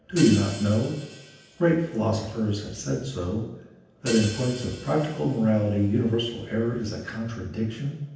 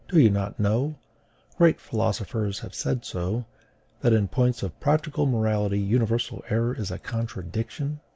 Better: second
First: background sound (Hi-hat); 16 dB below the speech // room echo; dies away in 0.9 s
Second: none

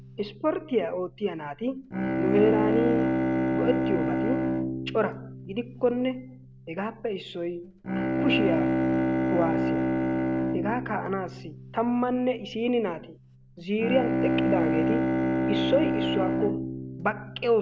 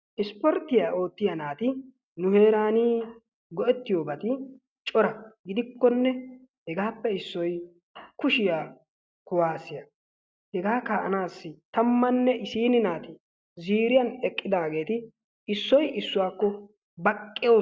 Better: second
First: background sound (Bowed string instrument); 1 dB above the speech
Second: none

